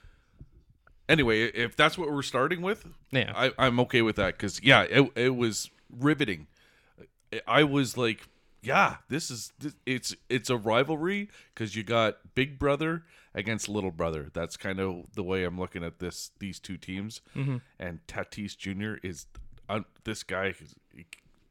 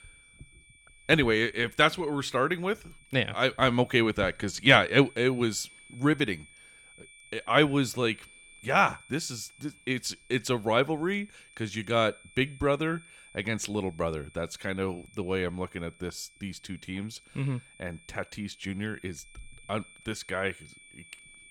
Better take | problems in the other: first | high-pitched whine; faint; throughout; 2.5 kHz, 25 dB below the speech

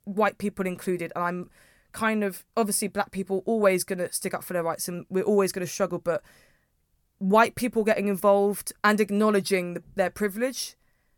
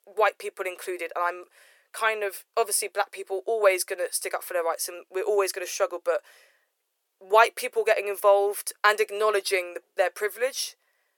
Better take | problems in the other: first | thin; very; fading below 400 Hz

